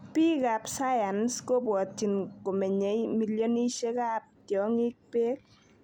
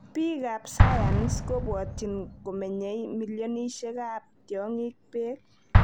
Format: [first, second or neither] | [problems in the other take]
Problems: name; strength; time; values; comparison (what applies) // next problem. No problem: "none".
first | background sound (Explosion); 5 dB above the speech